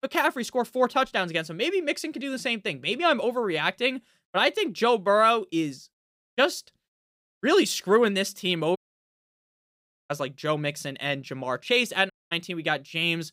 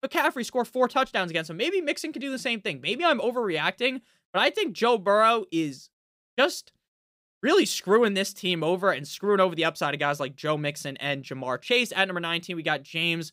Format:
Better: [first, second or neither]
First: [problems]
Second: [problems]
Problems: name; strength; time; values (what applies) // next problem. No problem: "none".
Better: second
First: audio cutting out; at 9 s for 1.5 s and at 12 s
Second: none